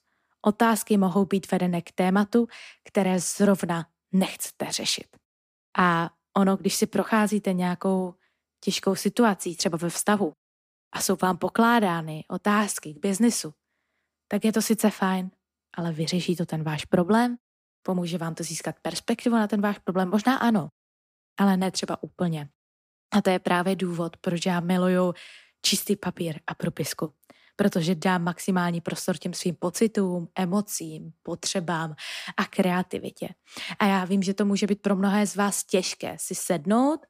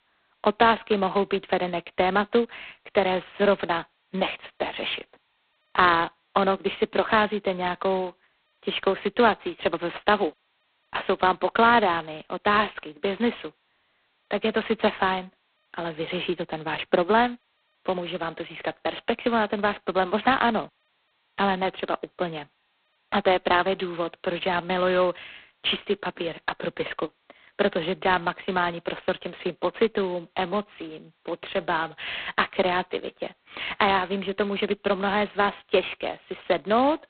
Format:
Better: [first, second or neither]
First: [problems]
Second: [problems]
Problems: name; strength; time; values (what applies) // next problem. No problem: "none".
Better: first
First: none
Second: phone-call audio; poor line; nothing above 4 kHz